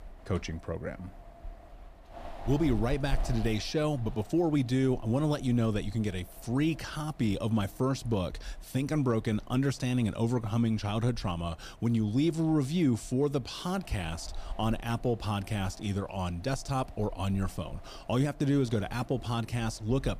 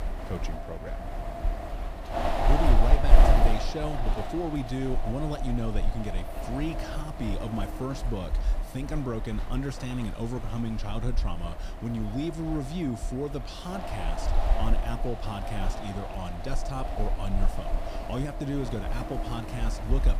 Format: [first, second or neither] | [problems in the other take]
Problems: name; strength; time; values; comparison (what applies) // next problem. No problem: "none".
first | wind noise on the microphone; heavy; 2 dB above the speech; occasional gusts in the first